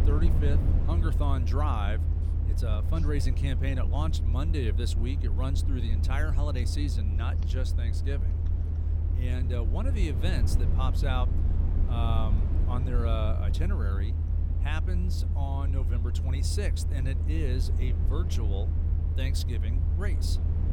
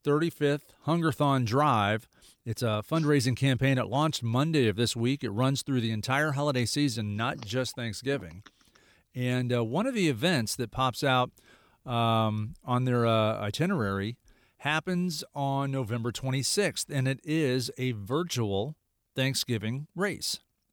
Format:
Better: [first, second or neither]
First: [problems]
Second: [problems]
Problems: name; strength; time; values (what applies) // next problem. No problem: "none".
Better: second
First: low rumble; loud; throughout; 6 dB below the speech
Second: none